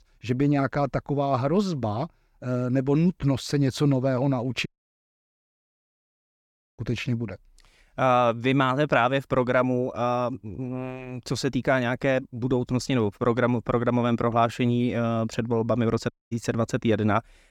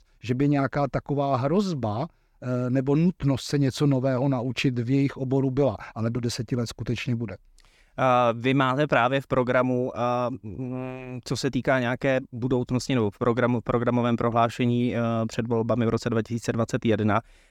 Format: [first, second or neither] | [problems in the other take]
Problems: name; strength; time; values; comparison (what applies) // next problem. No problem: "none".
second | audio cutting out; at 4.5 s for 2 s and at 16 s